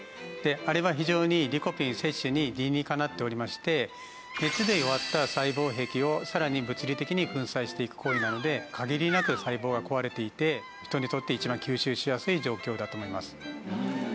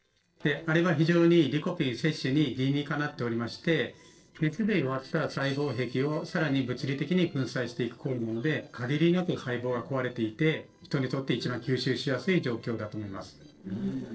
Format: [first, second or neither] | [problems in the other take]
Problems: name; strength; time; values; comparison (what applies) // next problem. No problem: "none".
first | noise reduction (neural separator model SepFormer DNS4)